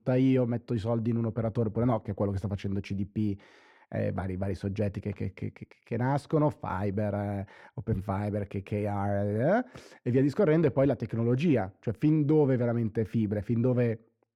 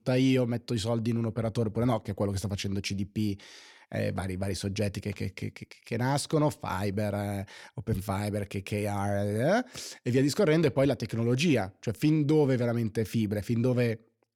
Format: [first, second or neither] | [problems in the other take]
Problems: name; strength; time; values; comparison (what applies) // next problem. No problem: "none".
second | muffled; very; fading above 3 kHz